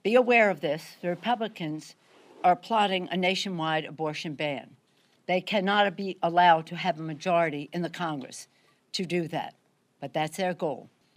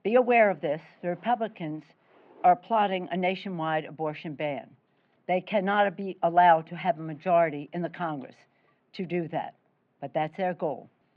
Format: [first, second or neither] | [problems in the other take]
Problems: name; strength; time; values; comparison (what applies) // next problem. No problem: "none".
first | muffled; very; fading above 2.5 kHz